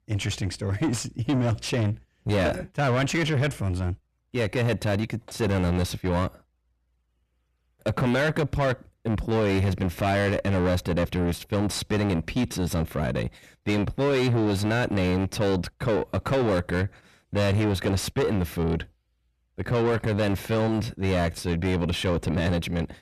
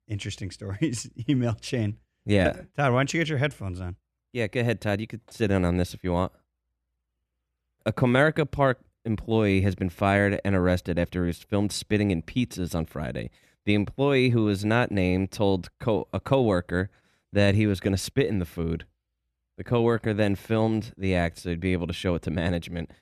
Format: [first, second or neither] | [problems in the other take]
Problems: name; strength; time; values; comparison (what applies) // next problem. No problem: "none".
second | distortion; heavy; 6 dB below the speech